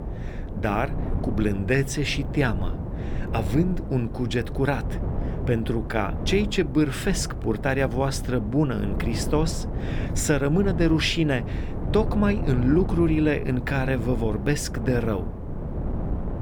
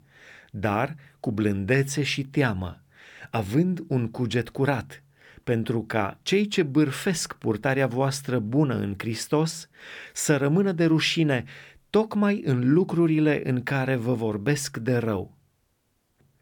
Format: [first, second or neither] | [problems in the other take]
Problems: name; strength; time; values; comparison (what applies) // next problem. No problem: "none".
second | wind noise on the microphone; occasional gusts; 10 dB below the speech